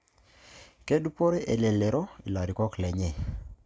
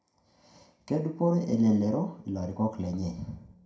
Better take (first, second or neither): first